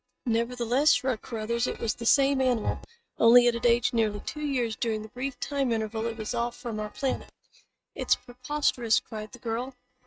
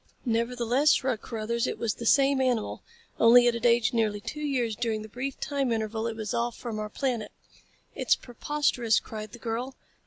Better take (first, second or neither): second